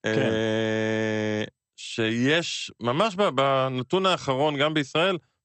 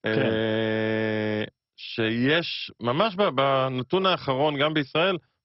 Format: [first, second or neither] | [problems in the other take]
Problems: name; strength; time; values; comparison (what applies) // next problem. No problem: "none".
first | garbled, watery; badly; nothing above 5.5 kHz; slightly in the first